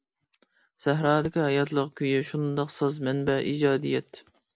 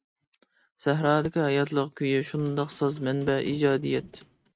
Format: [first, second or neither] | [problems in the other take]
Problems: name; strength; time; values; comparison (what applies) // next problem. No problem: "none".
first | noise reduction (neural mask model RNNoise)